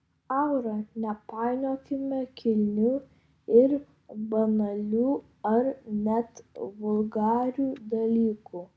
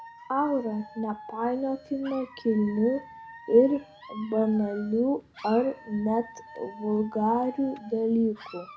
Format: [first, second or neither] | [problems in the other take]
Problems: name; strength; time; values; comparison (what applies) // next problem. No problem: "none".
first | background sound (Alarm / Dog); 19 dB below the speech